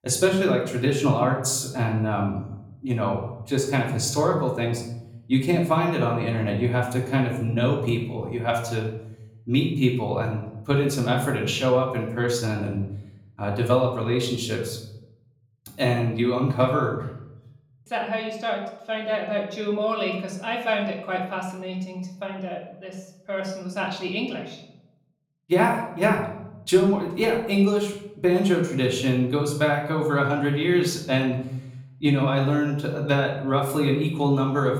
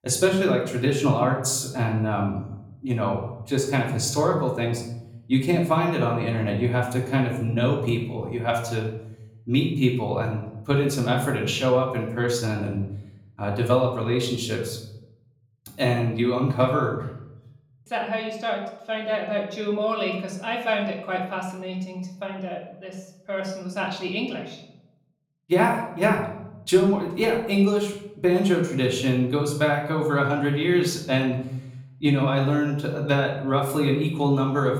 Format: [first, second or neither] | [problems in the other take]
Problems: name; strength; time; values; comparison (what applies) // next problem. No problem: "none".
neither | room echo; slight; dies away in 0.7 s; the same in both // off-mic speech; far; the same in both